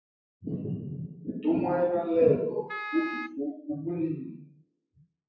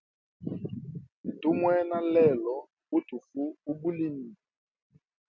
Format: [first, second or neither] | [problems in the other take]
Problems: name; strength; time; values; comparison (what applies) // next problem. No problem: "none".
second | noise reduction (classical method WPE with log-MMSE)